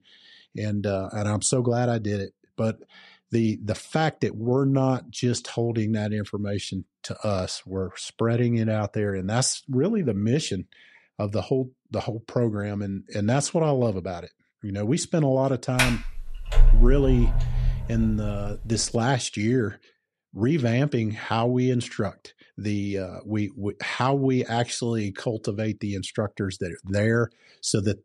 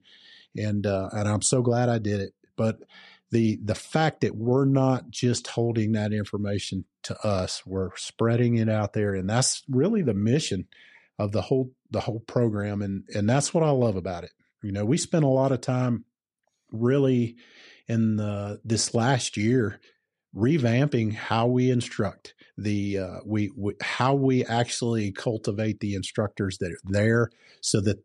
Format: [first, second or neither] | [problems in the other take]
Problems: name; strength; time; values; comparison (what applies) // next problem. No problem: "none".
second | door banging; loud; from 16 to 18 s; peak 5 dB above the speech